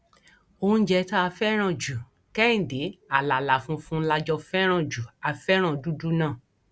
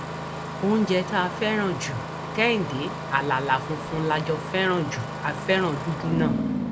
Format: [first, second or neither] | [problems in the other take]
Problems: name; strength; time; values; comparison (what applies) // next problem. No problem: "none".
first | background sound (Engine starting); 5 dB below the speech